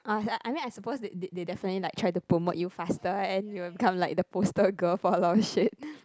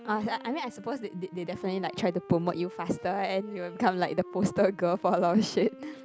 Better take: first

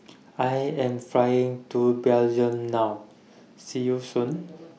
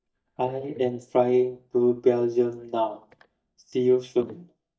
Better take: first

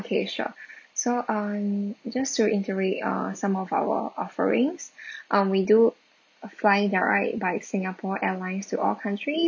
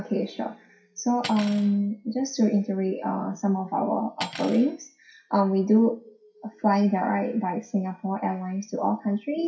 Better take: first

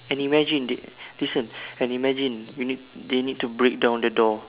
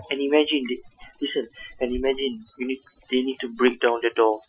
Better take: first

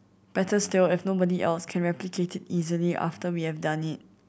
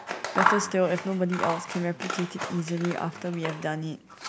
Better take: first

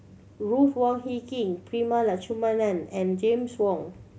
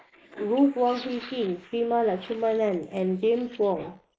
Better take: first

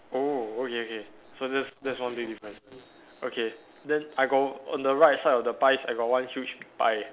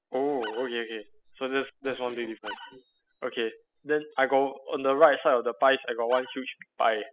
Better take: first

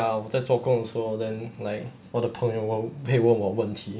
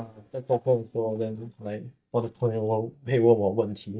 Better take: first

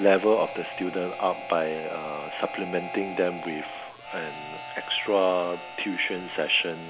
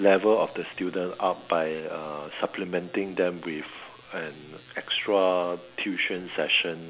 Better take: second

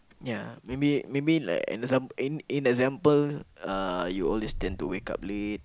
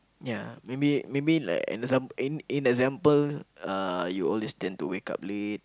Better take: second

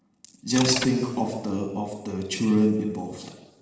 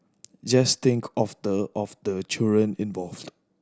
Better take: second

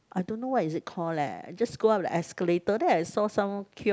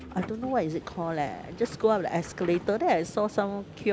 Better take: first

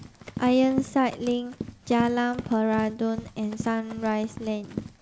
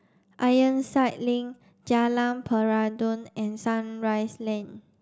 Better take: second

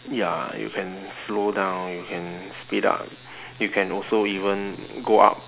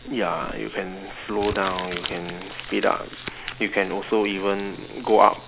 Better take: first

